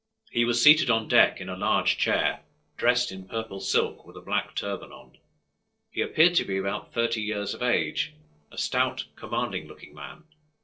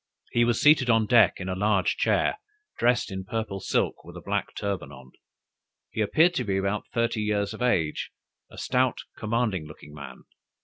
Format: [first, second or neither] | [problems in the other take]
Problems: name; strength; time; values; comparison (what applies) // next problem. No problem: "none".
second | noise reduction (neural separator model SepFormer DNS4)